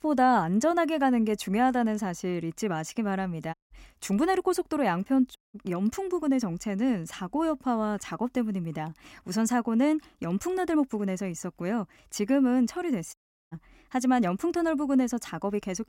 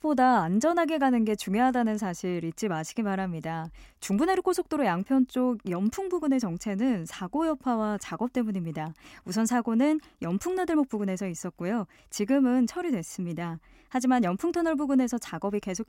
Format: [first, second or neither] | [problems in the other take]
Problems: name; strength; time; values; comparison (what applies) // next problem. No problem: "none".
second | audio cutting out; at 3.5 s, at 5.5 s and at 13 s